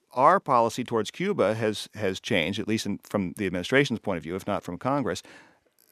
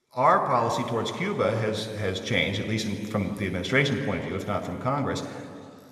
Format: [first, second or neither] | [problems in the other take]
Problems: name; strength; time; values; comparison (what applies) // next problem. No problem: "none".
first | room echo; noticeable; dies away in 2.3 s